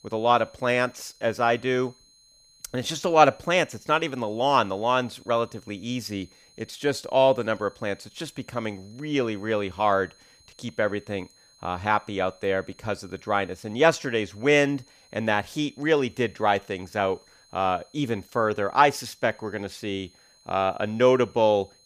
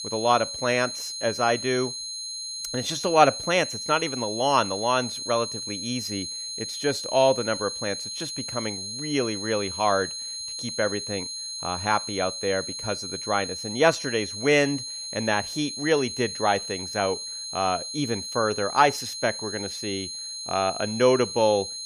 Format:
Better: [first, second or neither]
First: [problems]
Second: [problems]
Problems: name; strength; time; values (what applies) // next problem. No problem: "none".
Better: first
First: high-pitched whine; faint; throughout; 4 kHz, 30 dB below the speech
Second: high-pitched whine; loud; throughout; 4 kHz, 6 dB below the speech